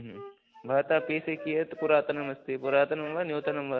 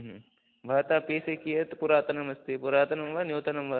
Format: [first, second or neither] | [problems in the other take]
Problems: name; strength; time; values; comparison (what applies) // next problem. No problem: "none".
second | background sound (Wind instrument, woodwind instrument); 16 dB below the speech